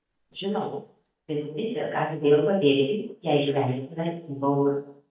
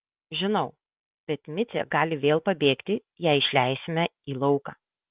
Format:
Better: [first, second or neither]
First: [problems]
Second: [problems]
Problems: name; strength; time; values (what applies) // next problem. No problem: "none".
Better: second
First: noise reduction (neural mask model DeepFilterNet 3)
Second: none